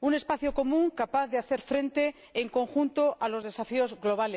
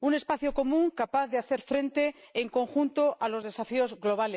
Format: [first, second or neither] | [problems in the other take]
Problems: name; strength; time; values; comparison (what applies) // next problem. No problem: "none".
first | noise reduction (neural mask model Resemble Enhance denoiser)